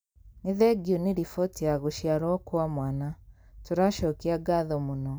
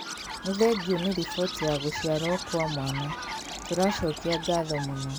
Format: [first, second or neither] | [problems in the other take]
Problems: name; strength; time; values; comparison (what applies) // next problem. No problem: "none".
first | background sound (Chirp, tweet); 7 dB below the speech